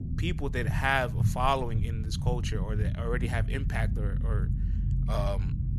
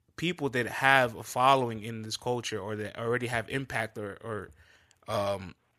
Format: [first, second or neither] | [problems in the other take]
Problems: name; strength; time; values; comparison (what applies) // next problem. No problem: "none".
second | low rumble; noticeable; throughout; 15 dB below the speech